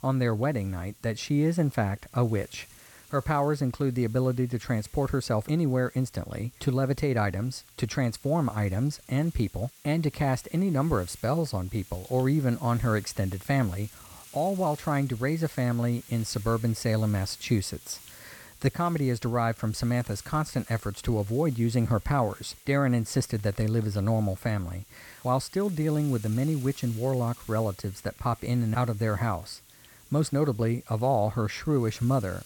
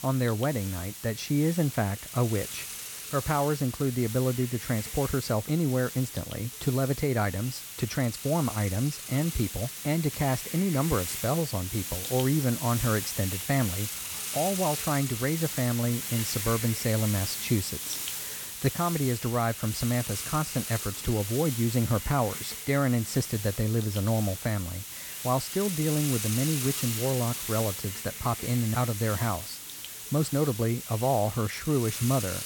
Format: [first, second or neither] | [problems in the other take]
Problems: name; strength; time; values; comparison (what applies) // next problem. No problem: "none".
first | hiss; loud; throughout; 5 dB below the speech; faint in the first